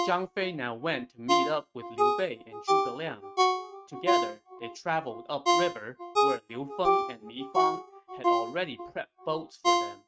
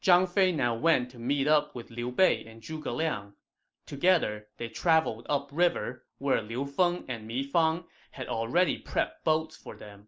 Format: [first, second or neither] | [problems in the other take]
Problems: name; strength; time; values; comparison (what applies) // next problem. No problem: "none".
second | noise reduction (neural mask model RNNoise)